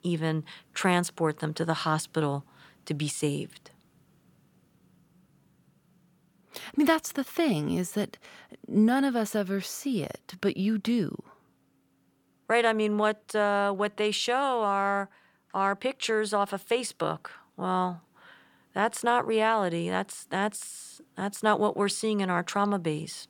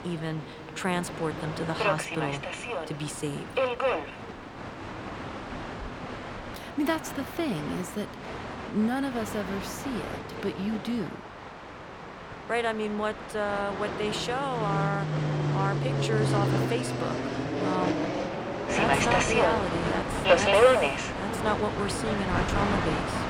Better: first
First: none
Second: train or aircraft noise; very loud; throughout; 3 dB above the speech

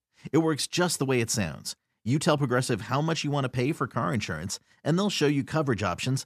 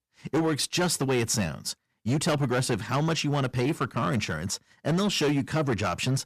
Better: first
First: none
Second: distortion; slight; 11% of the sound clipped

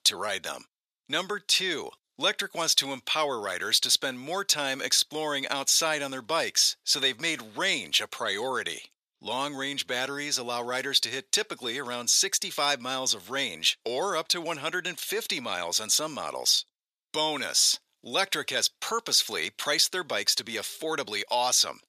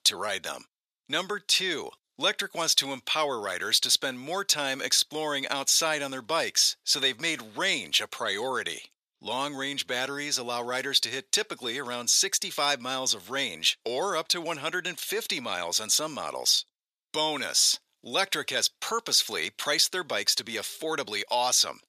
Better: neither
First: thin; very; fading below 600 Hz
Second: thin; very; fading below 600 Hz

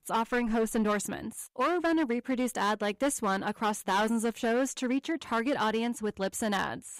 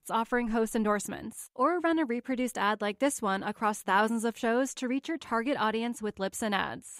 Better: second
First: distortion; slight; 7% of the sound clipped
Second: none

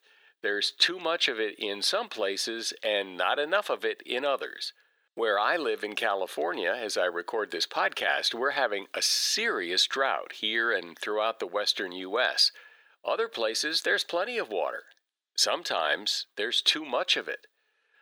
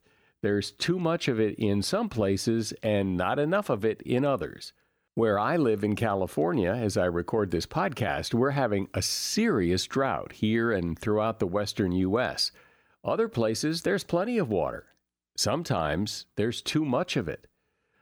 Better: second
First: thin; very; fading below 450 Hz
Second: none

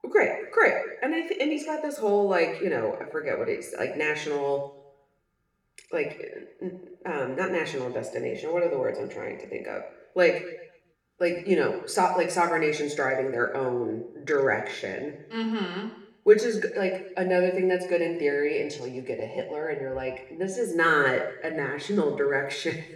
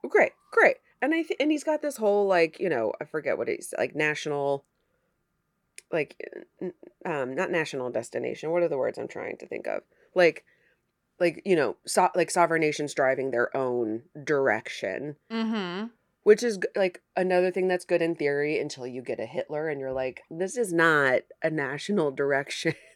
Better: second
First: room echo; slight; dies away in 0.8 s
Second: none

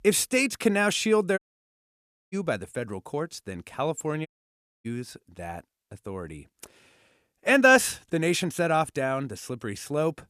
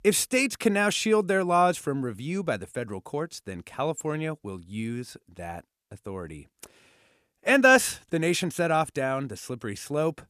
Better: second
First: audio cutting out; at 1.5 s for 1 s and at 4.5 s for 0.5 s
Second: none

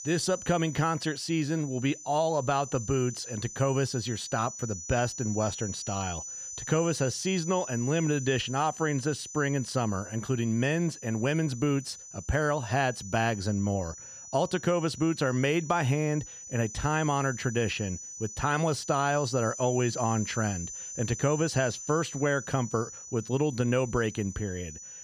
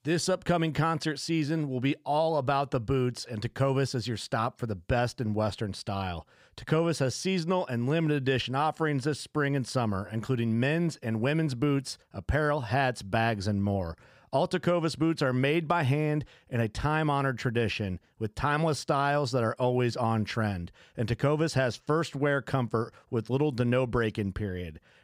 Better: second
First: high-pitched whine; noticeable; throughout; 6 kHz, 10 dB below the speech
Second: none

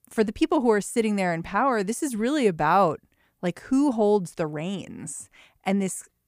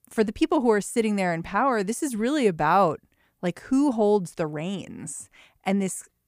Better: neither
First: none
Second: none

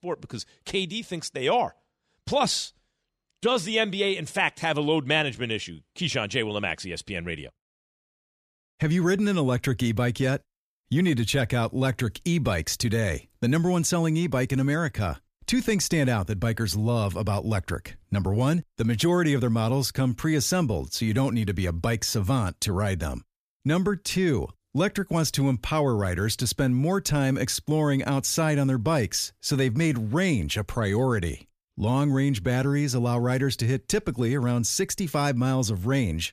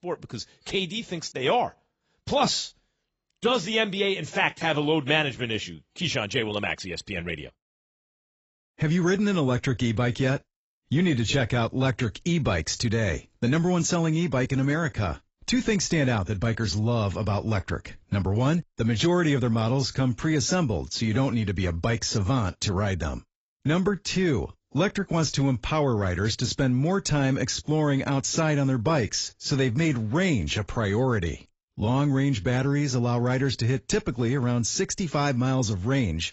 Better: first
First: none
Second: garbled, watery; badly; nothing above 7.5 kHz

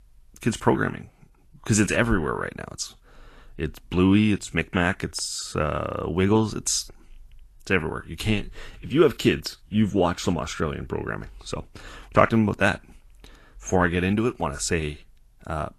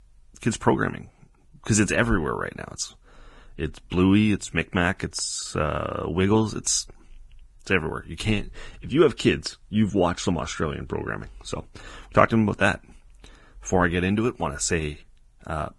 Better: first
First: garbled, watery; slightly; nothing above 12.5 kHz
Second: garbled, watery; badly

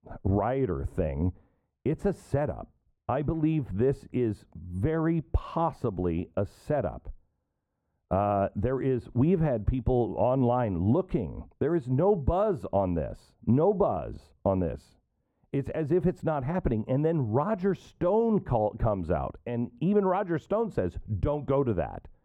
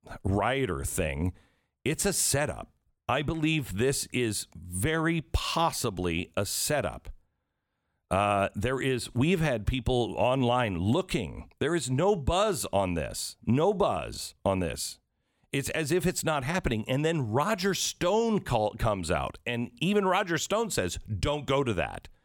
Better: second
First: muffled; very; fading above 2 kHz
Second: none

